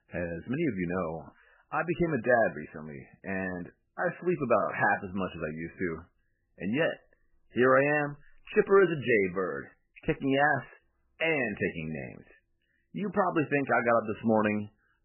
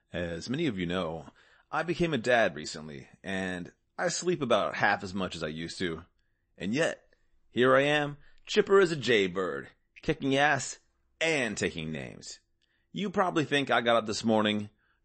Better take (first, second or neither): second